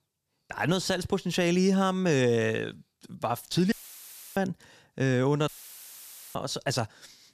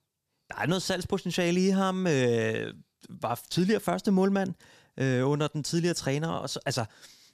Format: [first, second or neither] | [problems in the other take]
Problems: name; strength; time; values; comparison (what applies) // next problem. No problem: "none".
second | audio cutting out; filled with static; at 3.5 s for 0.5 s and at 5.5 s for 1 s